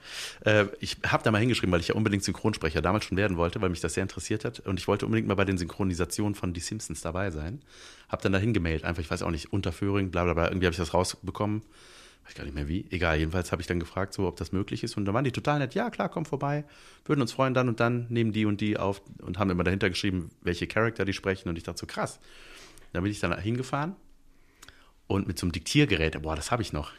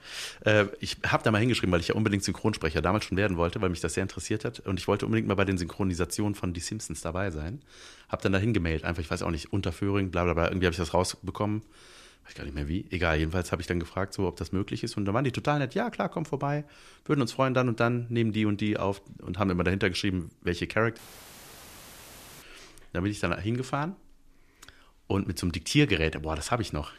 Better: first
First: none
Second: audio cutting out; filled with static; at 21 s for 1.5 s

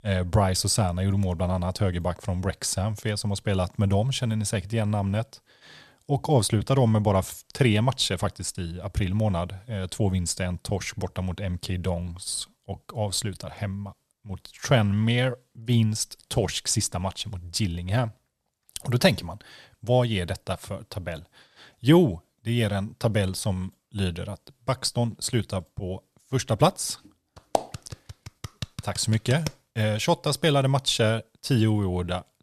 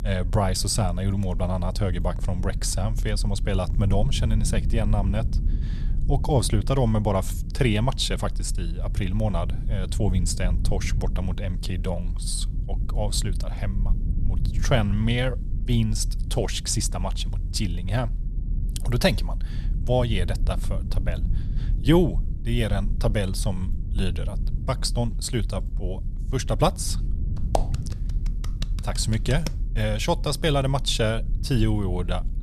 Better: first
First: none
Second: low rumble; noticeable; throughout; 15 dB below the speech

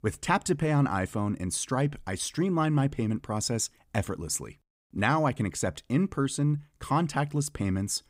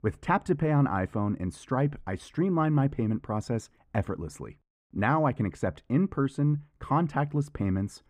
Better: first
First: none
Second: muffled; very; fading above 3 kHz

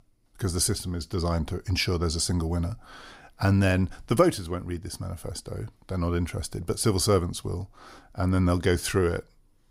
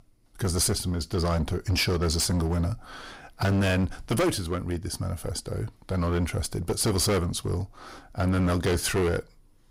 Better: first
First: none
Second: distortion; heavy; 13% of the sound clipped

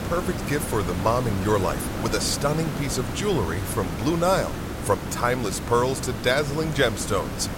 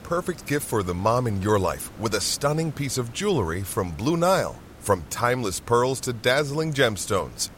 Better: second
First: hiss; loud; throughout; 6 dB below the speech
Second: hiss; faint; throughout; 20 dB below the speech

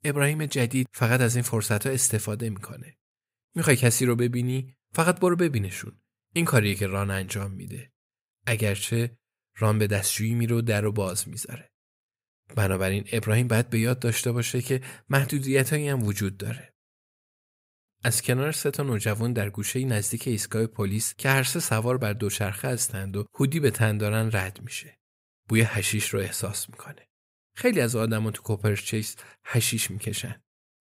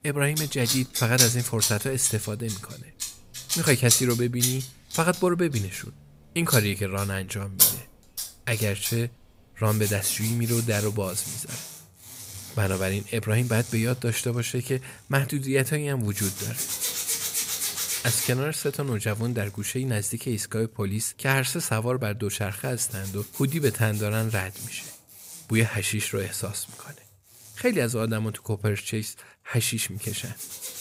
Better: first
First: none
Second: household noises; loud; throughout; 2 dB below the speech

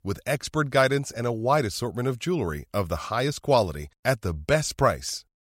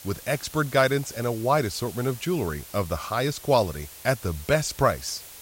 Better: first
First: none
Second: hiss; noticeable; throughout; 15 dB below the speech

